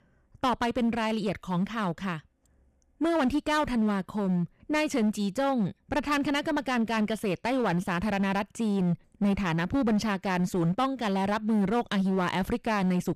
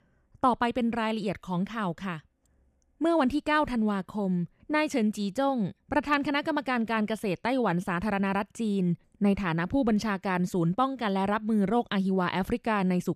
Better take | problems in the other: second | distortion; slight; 11% of the sound clipped

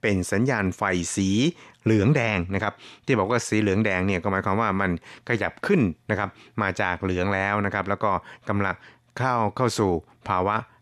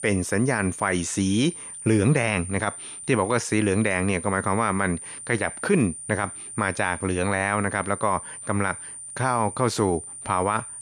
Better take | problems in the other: first | high-pitched whine; noticeable; throughout; 9 kHz, 10 dB below the speech

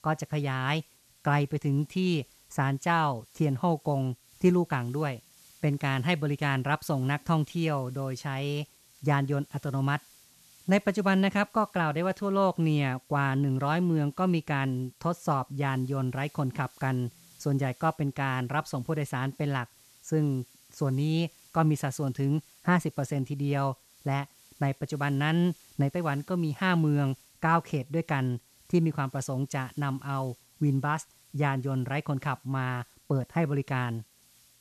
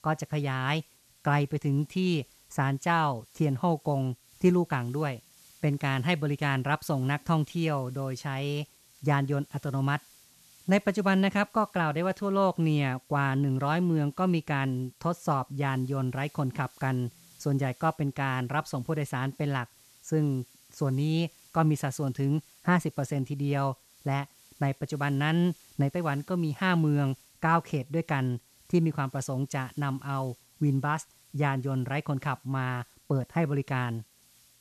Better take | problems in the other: neither | hiss; faint; throughout; 25 dB below the speech; the same in both

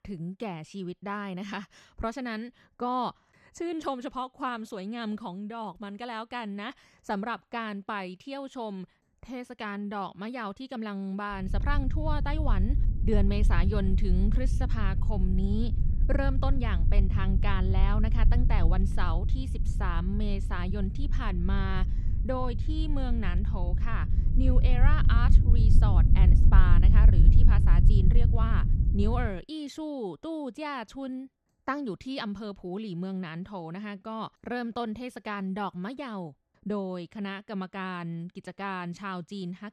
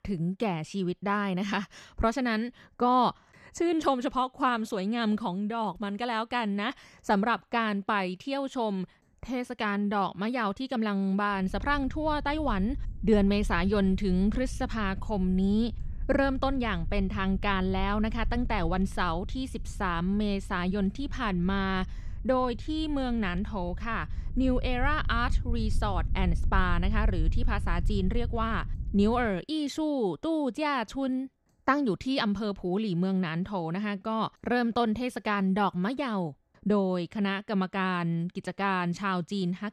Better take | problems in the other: second | low rumble; loud; from 11 to 29 s; 8 dB below the speech; faint in the second

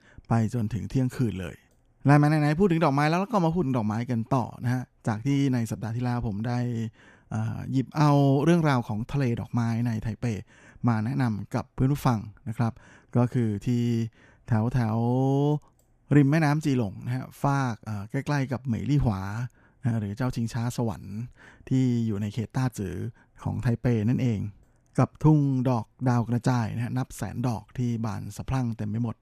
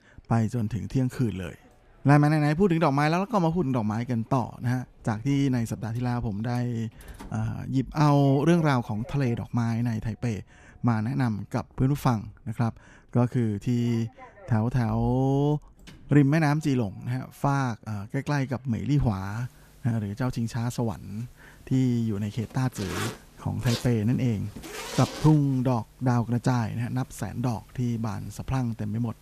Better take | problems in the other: first | household noises; noticeable; throughout; 15 dB below the speech

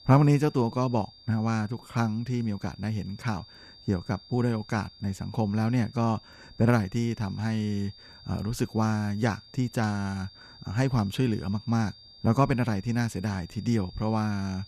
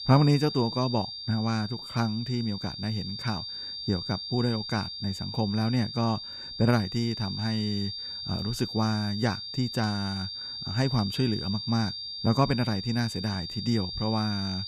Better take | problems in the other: first | high-pitched whine; loud; throughout; 4.5 kHz, 6 dB below the speech; faint in the first

